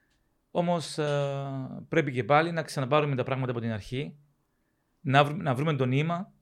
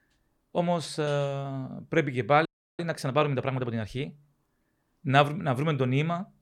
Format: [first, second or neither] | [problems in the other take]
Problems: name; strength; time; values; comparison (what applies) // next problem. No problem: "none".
first | audio freezing; at 2.5 s